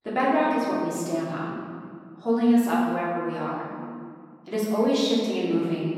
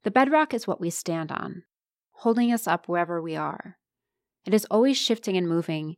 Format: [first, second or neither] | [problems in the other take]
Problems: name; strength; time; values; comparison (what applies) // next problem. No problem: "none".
second | room echo; strong; dies away in 1.8 s // off-mic speech; far